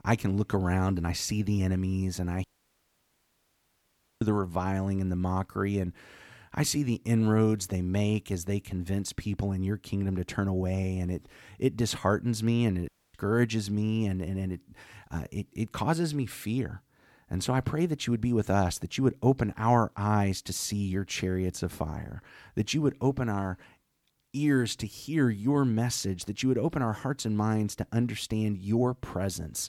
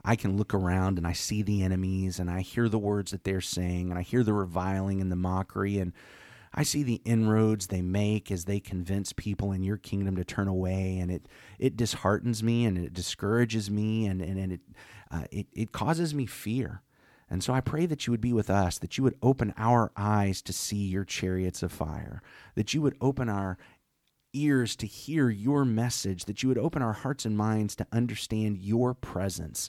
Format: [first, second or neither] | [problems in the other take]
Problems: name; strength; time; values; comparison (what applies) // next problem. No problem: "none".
second | audio cutting out; at 2.5 s for 2 s and at 13 s